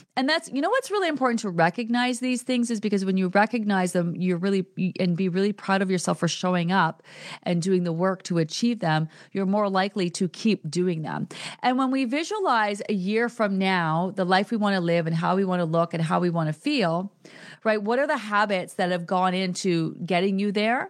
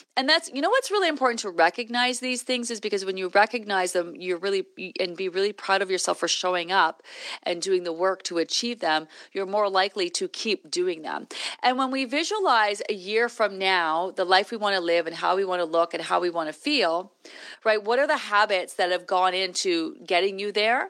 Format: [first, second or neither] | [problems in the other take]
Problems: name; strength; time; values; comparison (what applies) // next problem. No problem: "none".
first | thin; somewhat; fading below 300 Hz